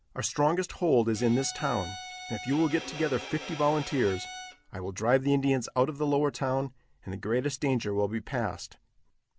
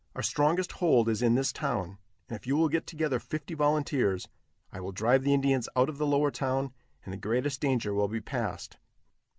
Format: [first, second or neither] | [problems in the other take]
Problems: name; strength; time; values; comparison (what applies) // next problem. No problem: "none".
second | background sound (Bowed string instrument); 12 dB below the speech